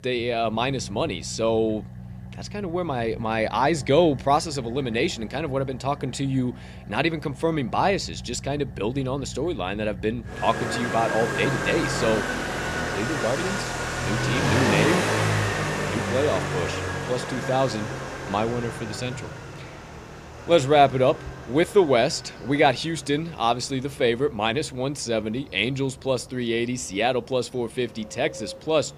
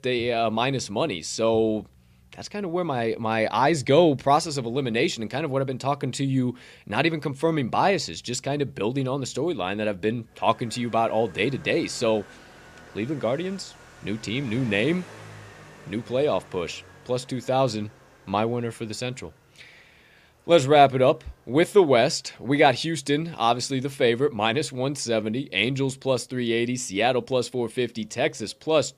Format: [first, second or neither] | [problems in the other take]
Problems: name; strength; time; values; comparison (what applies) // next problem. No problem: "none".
second | traffic noise; loud; throughout; 5 dB below the speech; faint in the second